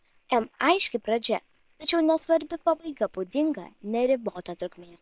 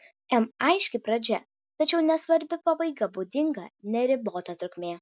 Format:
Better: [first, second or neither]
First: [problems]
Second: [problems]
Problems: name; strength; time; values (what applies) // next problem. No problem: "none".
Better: second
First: noise reduction (neural separator model SepFormer WHAM!)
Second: none